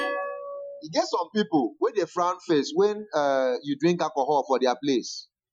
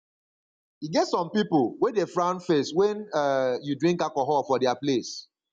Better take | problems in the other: second | noise reduction (classical method Wiener filter)

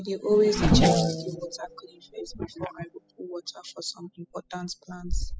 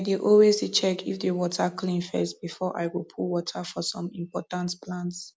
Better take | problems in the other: second | noise reduction (classical method spectral subtraction)

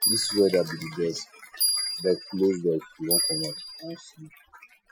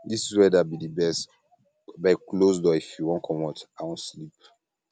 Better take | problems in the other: second | noise reduction (classical method Wiener filter)

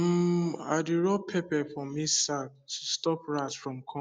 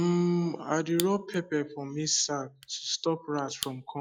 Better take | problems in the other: first | noise reduction (classical method log-MMSE)

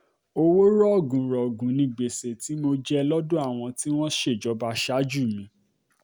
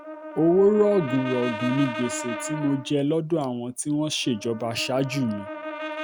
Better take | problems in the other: first | background sound (Brass instrument); 10 dB below the speech

